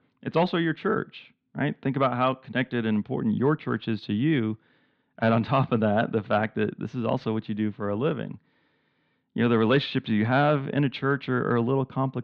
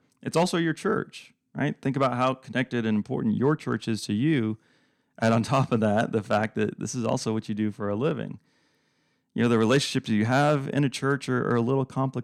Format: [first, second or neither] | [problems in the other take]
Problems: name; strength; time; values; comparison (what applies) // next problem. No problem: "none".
second | muffled; slightly; fading above 3.5 kHz